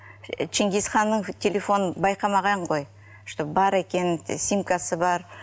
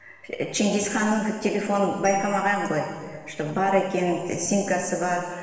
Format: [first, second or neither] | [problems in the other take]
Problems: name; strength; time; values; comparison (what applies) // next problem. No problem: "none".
first | noise reduction (neural separator model SepFormer DNS4)